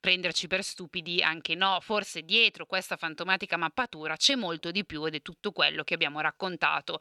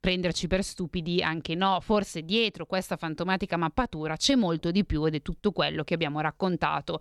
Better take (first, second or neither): second